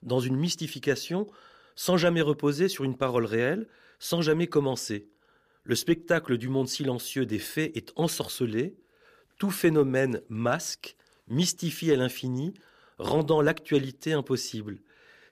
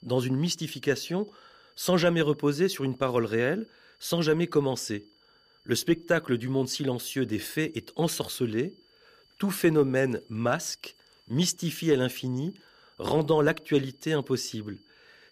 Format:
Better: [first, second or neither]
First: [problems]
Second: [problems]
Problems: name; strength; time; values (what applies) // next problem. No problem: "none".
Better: first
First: none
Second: high-pitched whine; faint; throughout; 4.5 kHz, 35 dB below the speech